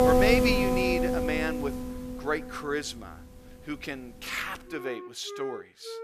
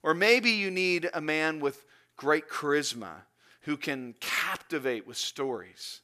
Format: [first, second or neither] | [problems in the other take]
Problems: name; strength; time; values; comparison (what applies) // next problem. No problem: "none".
second | background music; very loud; throughout; 4 dB above the speech